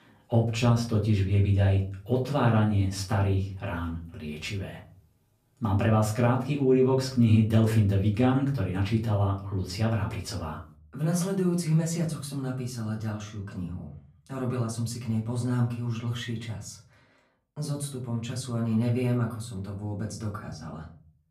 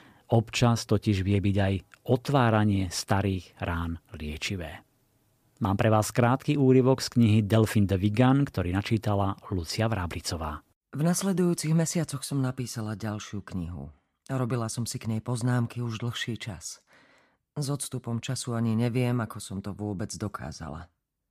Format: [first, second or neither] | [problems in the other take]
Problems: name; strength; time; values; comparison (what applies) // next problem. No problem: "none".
second | off-mic speech; far // room echo; slight; dies away in 0.4 s